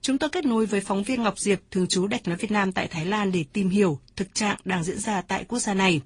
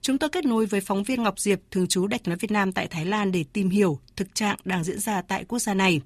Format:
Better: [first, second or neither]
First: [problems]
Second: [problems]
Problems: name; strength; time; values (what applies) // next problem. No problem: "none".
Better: second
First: garbled, watery; slightly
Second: none